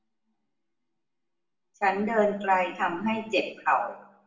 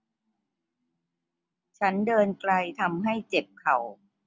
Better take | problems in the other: second | room echo; dies away in 0.6 s

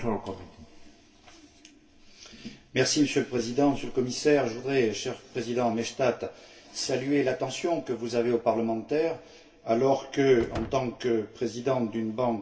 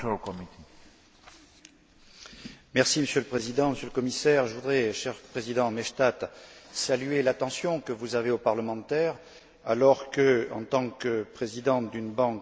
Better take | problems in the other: second | background sound (Slam); 16 dB below the speech // room echo; dies away in 0.2 s

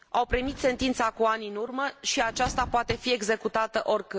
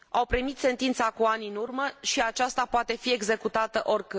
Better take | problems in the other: second | background sound (Drawer open or close); 15 dB below the speech

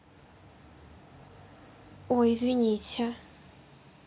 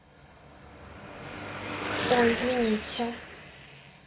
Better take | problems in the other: first | background sound (Car passing by / Traffic noise, roadway noise / Engine); 4 dB below the speech // room echo; dies away in 0.2 s

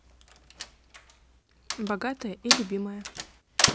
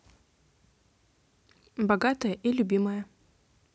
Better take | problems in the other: second | background sound (Slam); 4 dB above the speech

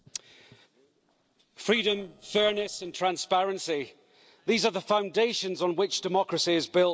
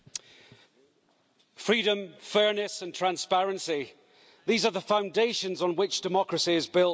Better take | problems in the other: second | noise reduction (neural separator model SepFormer DNS4)

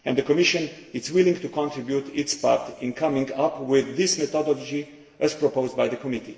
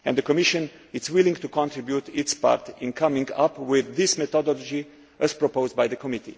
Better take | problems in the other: second | room echo; dies away in 1.6 s

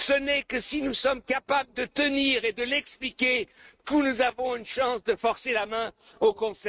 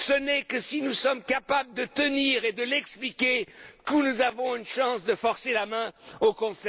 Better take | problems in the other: second | noise reduction (neural mask model RNNoise)

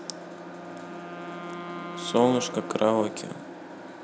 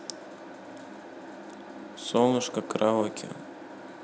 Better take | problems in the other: second | background sound (Wind instrument, woodwind instrument); 12 dB below the speech

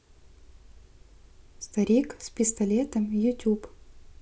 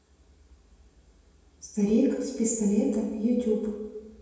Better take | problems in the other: first | room echo; dies away in 1.2 s

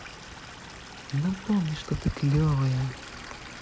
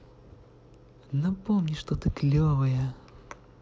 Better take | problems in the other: second | background sound (Stream / Liquid); 14 dB below the speech

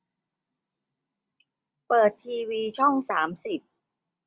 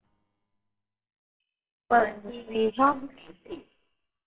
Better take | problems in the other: first | noise reduction (neural separator model SepFormer WHAMR!)

